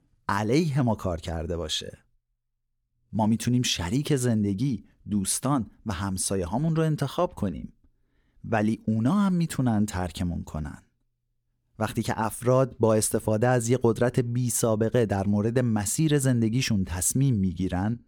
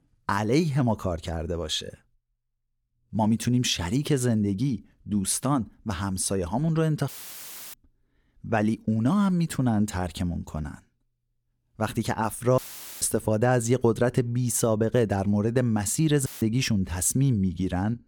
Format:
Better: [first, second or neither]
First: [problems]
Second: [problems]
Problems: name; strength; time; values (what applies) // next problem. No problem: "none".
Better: first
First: none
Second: audio cutting out; filled with static; at 7 s for 0.5 s, at 13 s and at 16 s